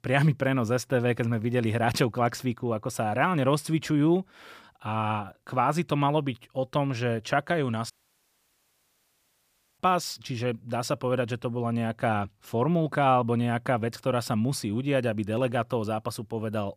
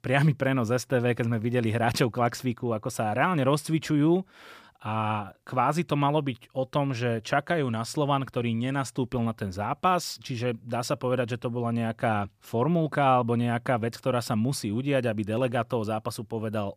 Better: second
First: audio cutting out; at 8 s for 2 s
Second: none

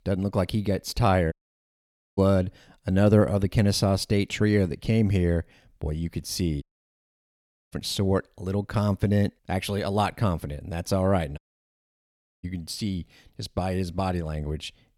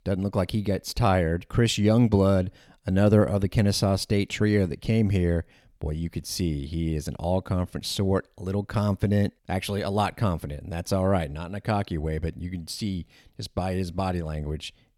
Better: second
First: audio cutting out; at 1.5 s for 1 s, at 6.5 s for 1 s and at 11 s for 1 s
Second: none

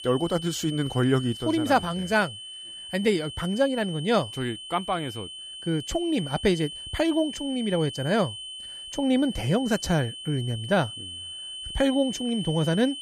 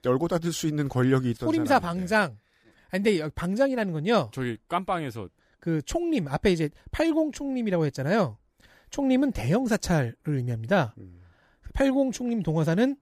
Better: second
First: high-pitched whine; loud; throughout; 3 kHz, 10 dB below the speech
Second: none

